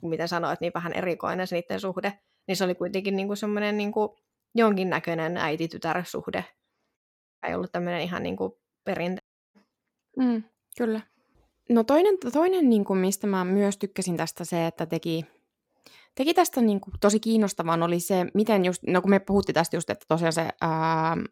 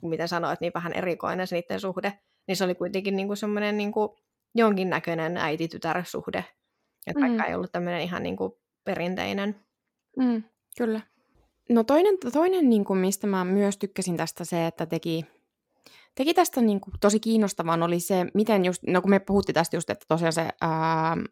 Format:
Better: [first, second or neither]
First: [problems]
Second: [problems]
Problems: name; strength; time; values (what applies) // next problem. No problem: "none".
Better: second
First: audio cutting out; at 7 s and at 9 s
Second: none